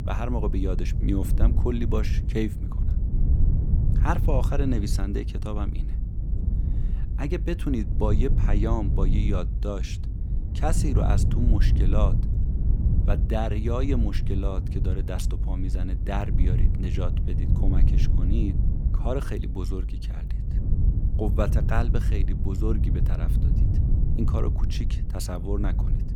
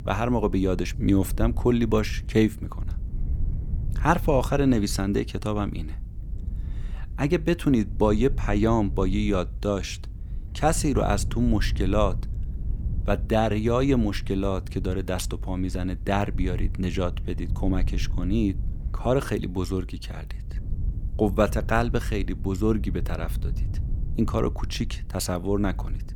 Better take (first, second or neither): second